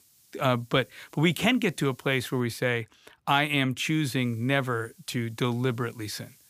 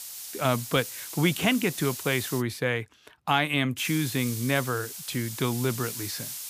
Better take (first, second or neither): first